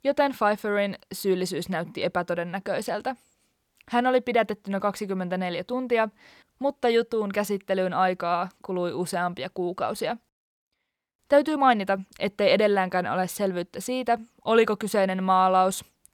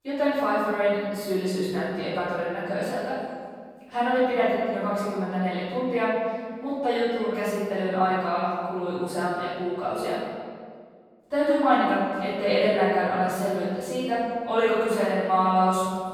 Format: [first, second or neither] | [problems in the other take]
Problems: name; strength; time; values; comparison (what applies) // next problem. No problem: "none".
first | off-mic speech; far // room echo; strong; dies away in 1.7 s